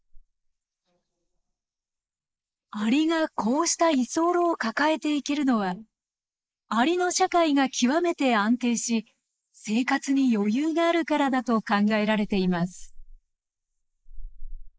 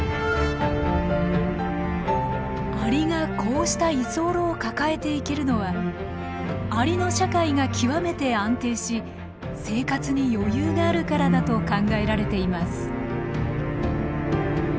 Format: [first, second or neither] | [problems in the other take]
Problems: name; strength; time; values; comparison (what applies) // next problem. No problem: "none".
second | noise reduction (neural mask model Resemble Enhance denoiser)